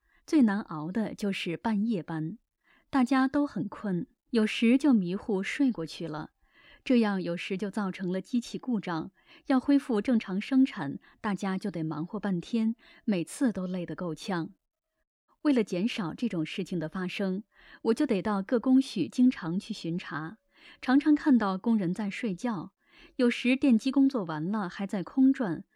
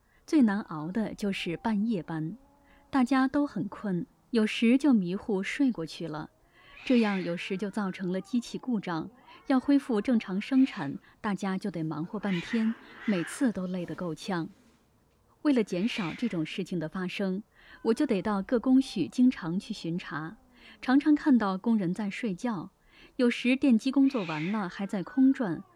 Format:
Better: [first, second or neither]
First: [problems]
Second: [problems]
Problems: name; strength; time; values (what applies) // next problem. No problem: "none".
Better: first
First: none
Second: hiss; noticeable; throughout; 15 dB below the speech